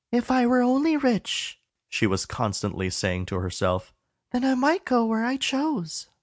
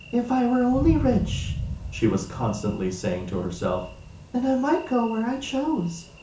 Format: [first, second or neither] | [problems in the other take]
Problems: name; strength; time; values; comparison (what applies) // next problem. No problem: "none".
first | background sound (Thunder); 9 dB below the speech // room echo; dies away in 0.7 s